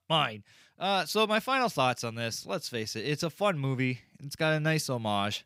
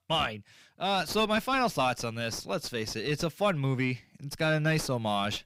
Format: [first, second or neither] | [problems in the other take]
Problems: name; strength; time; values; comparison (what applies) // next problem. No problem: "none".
first | distortion; slight; 9 dB below the speech